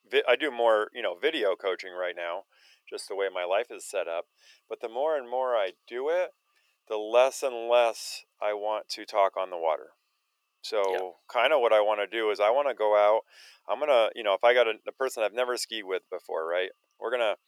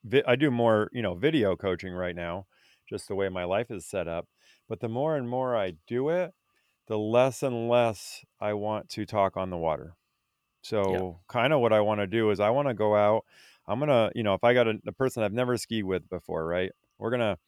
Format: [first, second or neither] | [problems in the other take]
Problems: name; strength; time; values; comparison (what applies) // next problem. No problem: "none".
second | thin; very; fading below 450 Hz